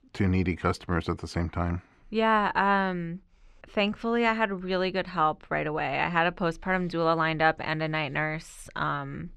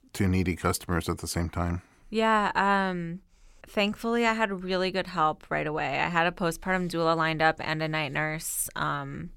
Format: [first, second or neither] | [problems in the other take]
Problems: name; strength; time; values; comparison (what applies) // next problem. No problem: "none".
second | muffled; very slightly; fading above 3.5 kHz